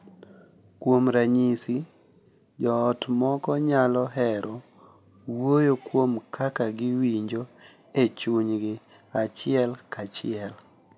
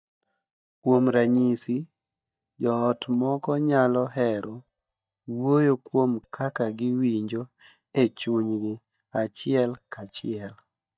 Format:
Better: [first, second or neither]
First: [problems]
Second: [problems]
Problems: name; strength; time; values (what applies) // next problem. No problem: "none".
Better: first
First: none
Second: noise reduction (neural mask model DeepFilterNet 3)